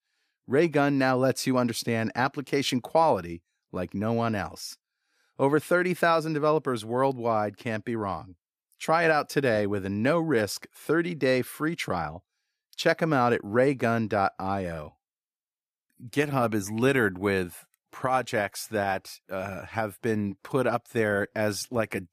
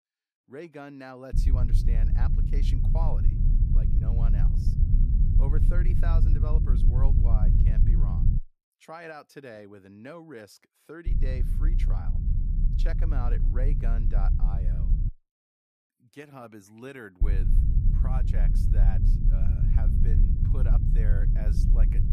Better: first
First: none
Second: low rumble; loud; from 1.5 to 8.5 s, from 11 to 15 s and from 17 s on; as loud as the speech

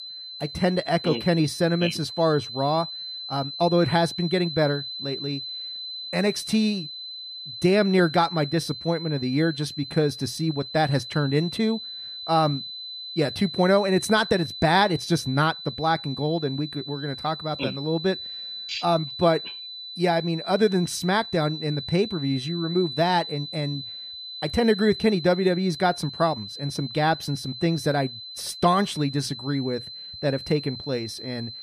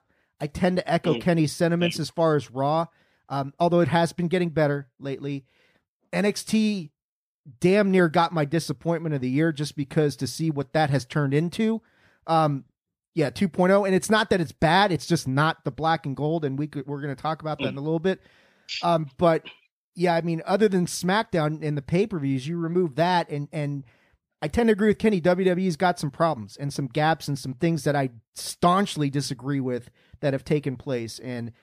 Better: second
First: high-pitched whine; loud; throughout; 4 kHz, 9 dB below the speech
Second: none

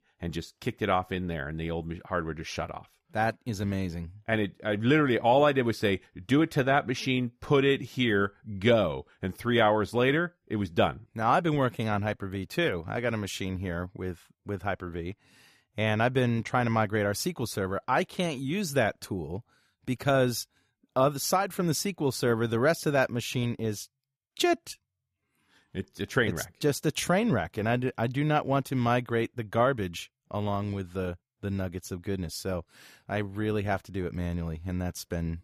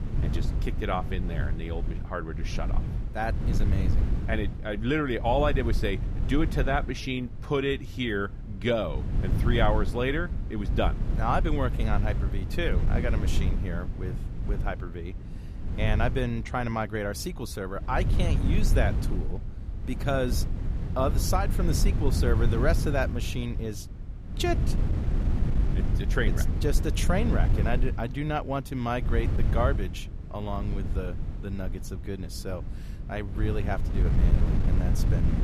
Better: first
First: none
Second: wind noise on the microphone; occasional gusts; 10 dB below the speech

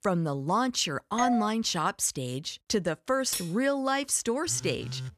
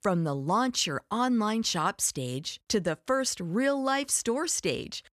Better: second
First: doorbell; noticeable; at 1 s; peak 2 dB below the speech // clattering dishes; noticeable; at 3.5 s; peak 6 dB below the speech // phone ringing; faint; at 4.5 s; peak 10 dB below the speech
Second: none

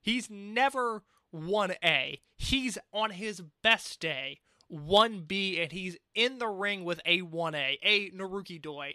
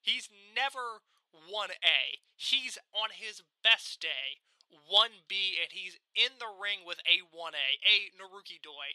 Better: first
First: none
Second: thin; very; fading below 700 Hz

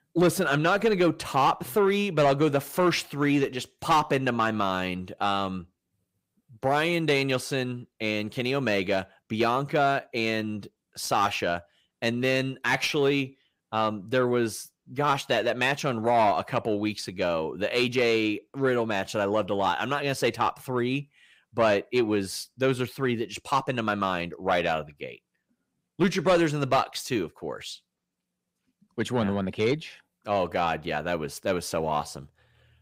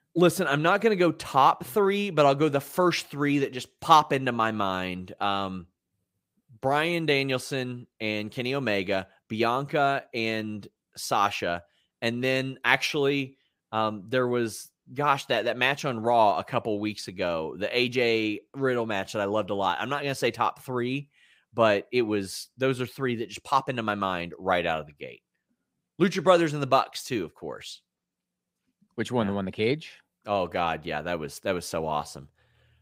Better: second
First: distortion; slight; 10 dB below the speech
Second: none

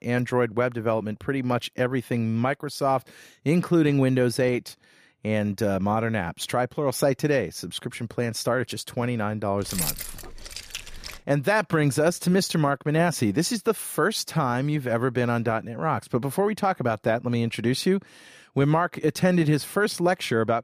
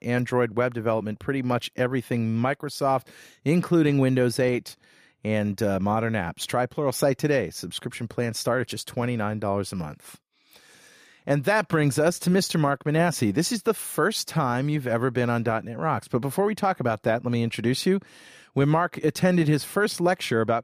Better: second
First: jangling keys; noticeable; from 9.5 to 11 s; peak 2 dB below the speech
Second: none

